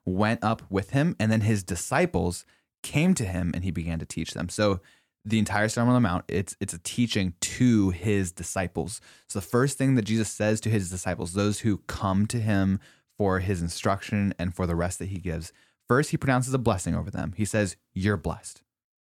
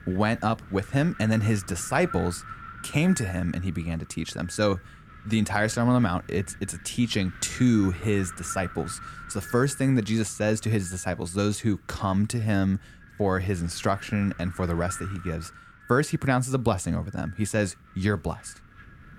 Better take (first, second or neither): first